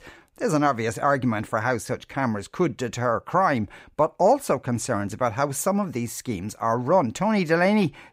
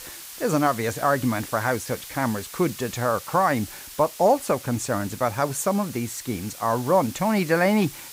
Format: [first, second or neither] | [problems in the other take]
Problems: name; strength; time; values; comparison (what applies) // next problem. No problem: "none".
first | hiss; noticeable; throughout; 15 dB below the speech